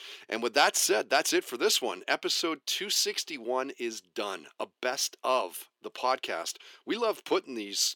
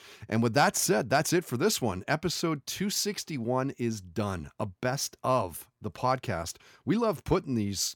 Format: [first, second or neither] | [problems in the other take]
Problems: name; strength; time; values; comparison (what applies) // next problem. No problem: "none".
second | thin; somewhat; fading below 350 Hz